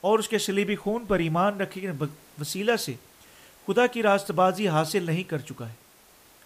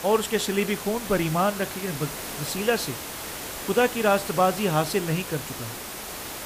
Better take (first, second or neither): first